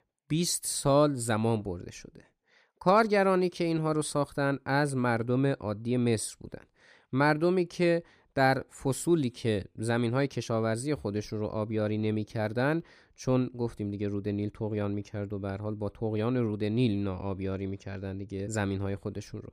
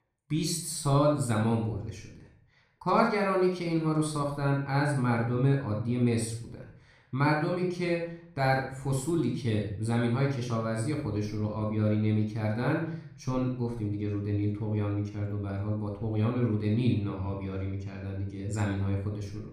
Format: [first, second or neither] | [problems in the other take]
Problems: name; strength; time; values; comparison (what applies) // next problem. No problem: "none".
first | room echo; noticeable; dies away in 0.5 s // off-mic speech; somewhat distant